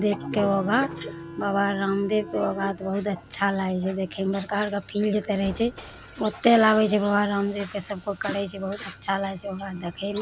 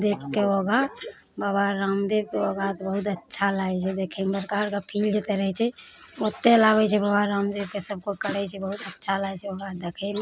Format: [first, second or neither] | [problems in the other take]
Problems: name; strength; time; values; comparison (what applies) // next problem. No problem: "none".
second | background sound (Acoustic guitar / Strum + Subway, metro, underground); 17 dB below the speech